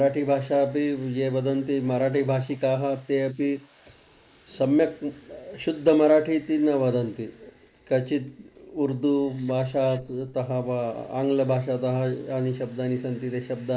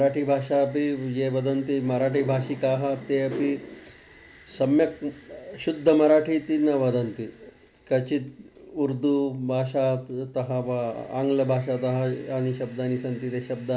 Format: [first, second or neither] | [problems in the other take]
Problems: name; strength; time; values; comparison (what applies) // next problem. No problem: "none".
second | noise reduction (neural mask model Resemble Enhance denoiser)